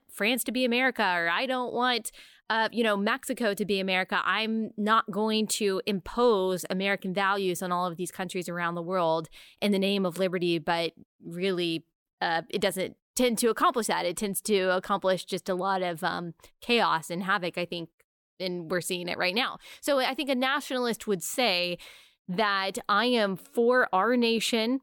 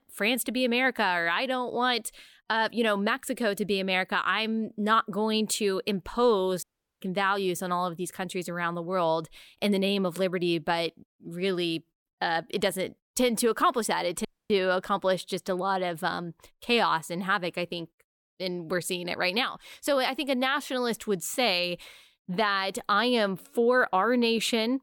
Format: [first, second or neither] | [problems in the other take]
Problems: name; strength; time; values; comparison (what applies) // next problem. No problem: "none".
first | audio cutting out; at 6.5 s and at 14 s